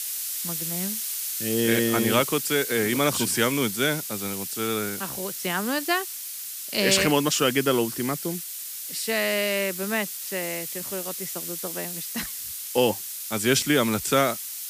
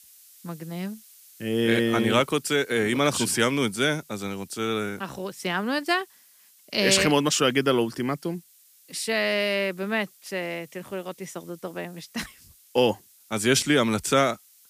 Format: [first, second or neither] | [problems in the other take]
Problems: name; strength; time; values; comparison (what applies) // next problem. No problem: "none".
second | hiss; loud; throughout; 5 dB below the speech; faint in the second